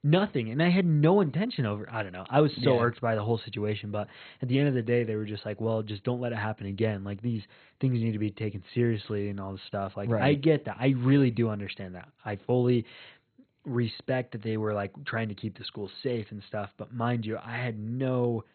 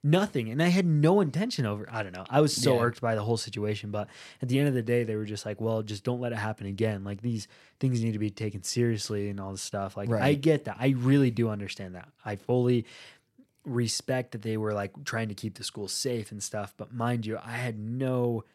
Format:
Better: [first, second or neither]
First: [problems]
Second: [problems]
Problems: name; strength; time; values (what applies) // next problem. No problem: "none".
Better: second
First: garbled, watery; badly; nothing above 4 kHz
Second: none